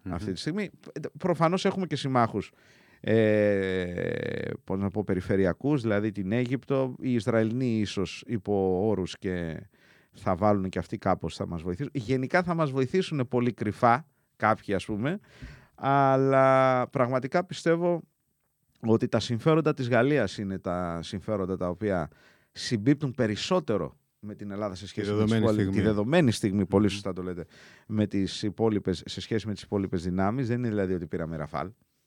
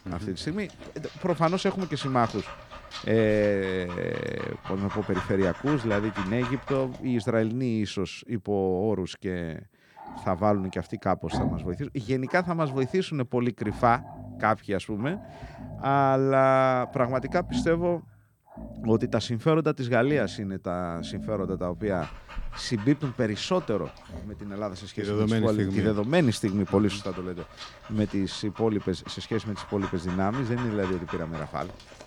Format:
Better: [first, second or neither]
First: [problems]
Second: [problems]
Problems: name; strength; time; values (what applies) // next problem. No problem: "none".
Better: first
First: none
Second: animal sounds; noticeable; throughout; 15 dB below the speech